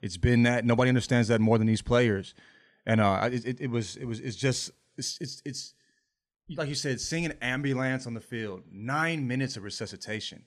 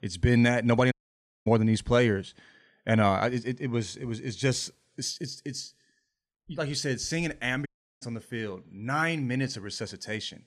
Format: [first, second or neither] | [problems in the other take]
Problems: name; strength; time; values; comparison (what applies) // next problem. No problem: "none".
first | audio cutting out; at 1 s for 0.5 s and at 7.5 s